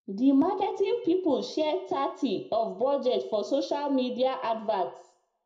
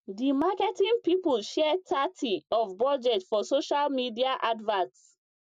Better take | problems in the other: second | room echo; dies away in 0.5 s

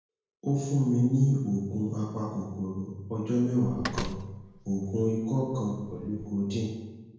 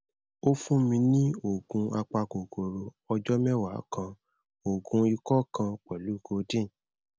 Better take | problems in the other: second | background sound (Slam); 12 dB below the speech // room echo; dies away in 0.9 s

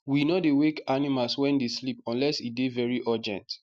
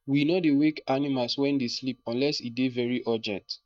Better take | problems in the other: first | noise reduction (neural mask model DeepFilterNet 3)

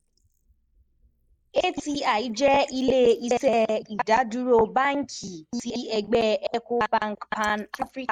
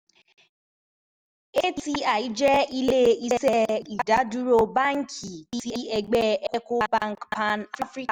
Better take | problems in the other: second | noise reduction (neural mask model Resemble Enhance denoiser)

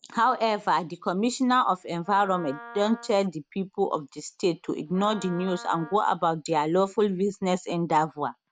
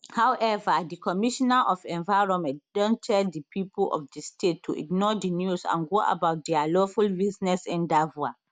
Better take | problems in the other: second | background sound (Wind instrument, woodwind instrument); 19 dB below the speech

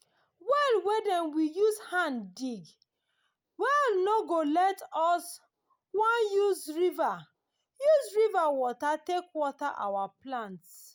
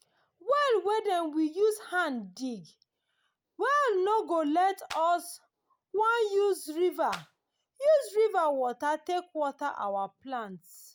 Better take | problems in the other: first | background sound (Clapping); 15 dB below the speech

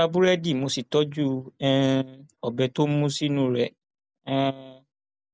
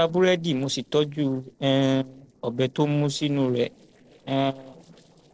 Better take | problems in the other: first | noise reduction (neural separator model SepFormer DNS4)

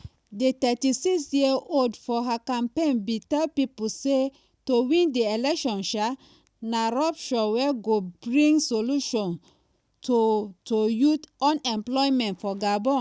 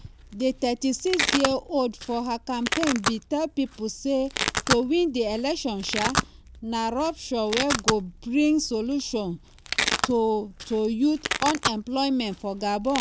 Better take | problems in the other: first | background sound (Domestic sounds, home sounds); 5 dB below the speech

